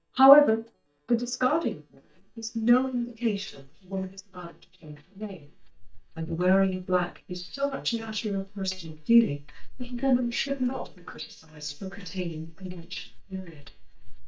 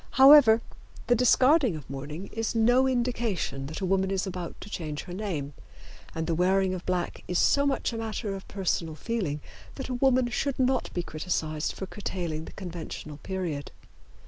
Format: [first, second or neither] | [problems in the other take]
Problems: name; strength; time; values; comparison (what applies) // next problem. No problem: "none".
second | noise reduction (neural mask model DeepFilterNet 3)